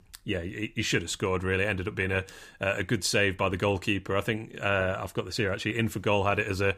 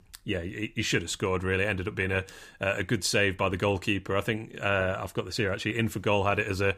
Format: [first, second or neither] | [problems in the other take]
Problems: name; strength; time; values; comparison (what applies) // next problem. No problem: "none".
neither | none